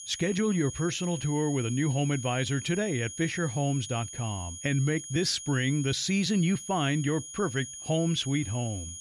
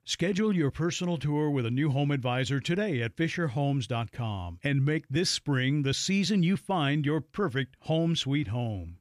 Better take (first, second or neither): second